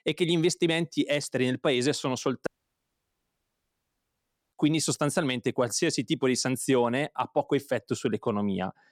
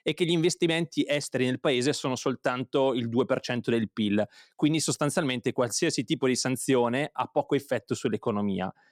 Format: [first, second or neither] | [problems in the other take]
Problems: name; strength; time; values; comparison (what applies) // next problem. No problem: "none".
second | audio cutting out; at 2.5 s for 2 s